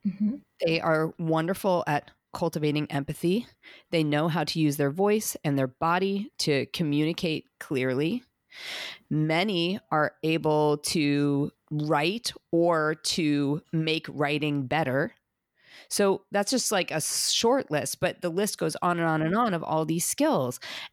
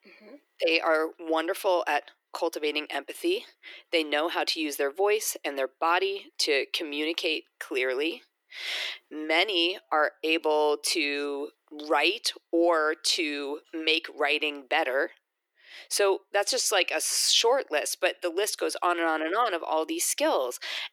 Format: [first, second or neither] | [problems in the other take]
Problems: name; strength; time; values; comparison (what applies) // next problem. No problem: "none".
first | thin; very; fading below 350 Hz